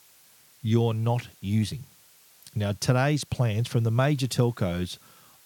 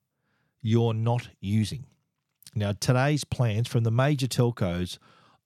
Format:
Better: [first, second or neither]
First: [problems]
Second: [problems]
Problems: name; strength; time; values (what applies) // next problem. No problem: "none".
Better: second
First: hiss; faint; throughout; 25 dB below the speech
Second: none